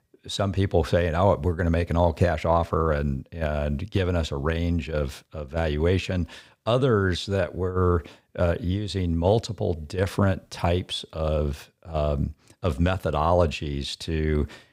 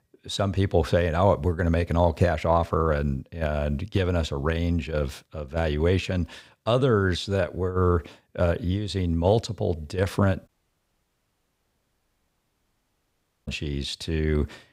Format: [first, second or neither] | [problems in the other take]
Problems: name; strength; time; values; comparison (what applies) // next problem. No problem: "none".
first | audio cutting out; at 10 s for 3 s